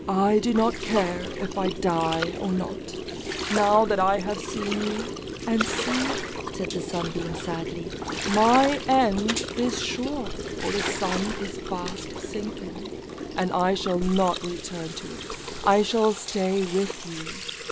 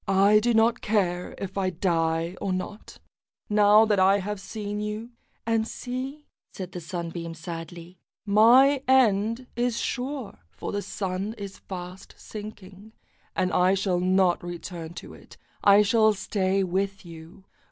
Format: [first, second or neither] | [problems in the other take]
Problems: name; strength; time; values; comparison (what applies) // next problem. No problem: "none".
second | background sound (Gurgling); 6 dB below the speech